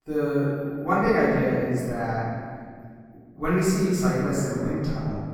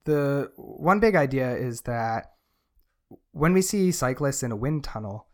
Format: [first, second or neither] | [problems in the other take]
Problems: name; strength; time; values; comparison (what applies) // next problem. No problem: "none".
second | off-mic speech; far // room echo; strong; dies away in 2.2 s